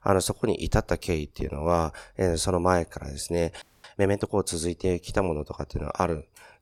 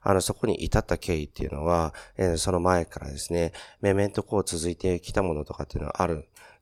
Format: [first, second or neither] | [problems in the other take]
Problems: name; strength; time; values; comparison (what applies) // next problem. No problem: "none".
second | audio freezing; at 3.5 s